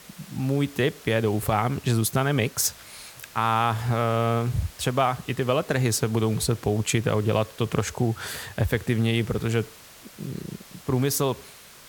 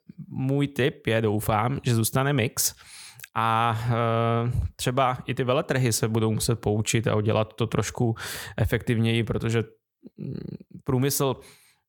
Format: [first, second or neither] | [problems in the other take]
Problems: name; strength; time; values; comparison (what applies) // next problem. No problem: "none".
second | hiss; faint; throughout; 20 dB below the speech